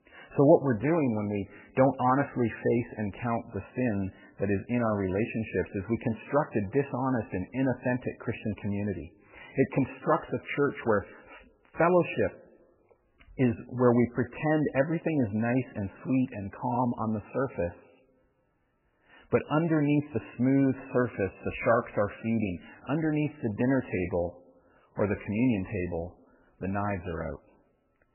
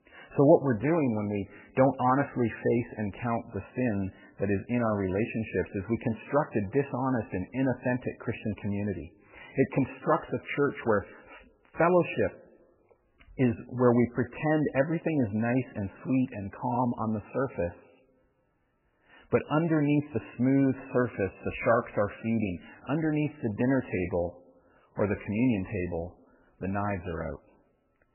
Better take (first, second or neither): neither